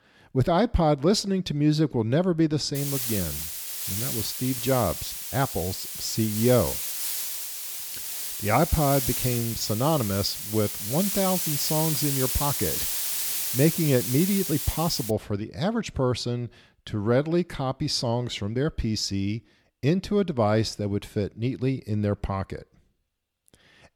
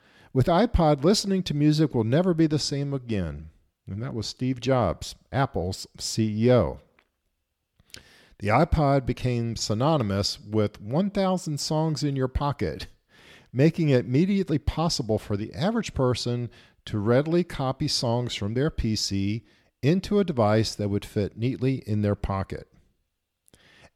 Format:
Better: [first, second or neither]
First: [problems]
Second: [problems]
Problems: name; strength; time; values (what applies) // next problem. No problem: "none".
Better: second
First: hiss; loud; from 3 to 15 s; 2 dB below the speech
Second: none